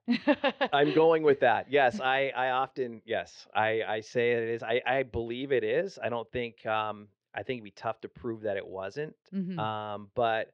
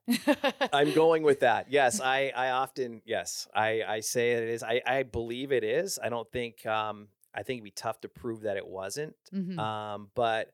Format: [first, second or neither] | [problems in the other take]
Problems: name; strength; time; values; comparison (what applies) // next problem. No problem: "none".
second | muffled; slightly; fading above 4 kHz